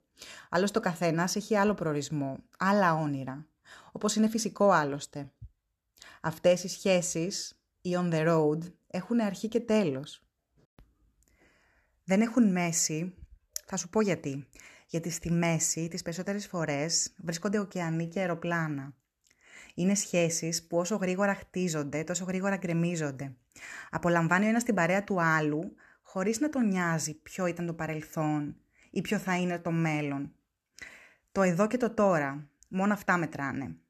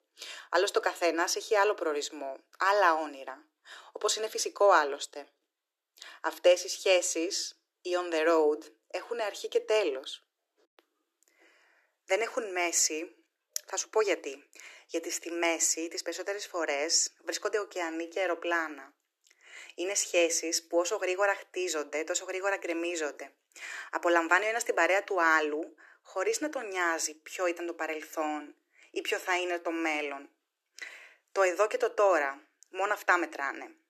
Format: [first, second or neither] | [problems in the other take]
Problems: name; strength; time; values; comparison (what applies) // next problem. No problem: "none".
first | thin; very; fading below 350 Hz